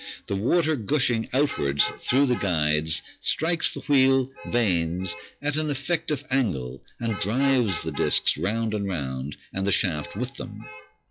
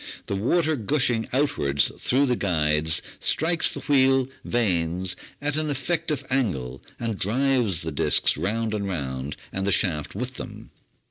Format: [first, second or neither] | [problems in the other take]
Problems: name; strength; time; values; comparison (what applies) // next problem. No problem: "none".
second | noise reduction (classical method log-MMSE)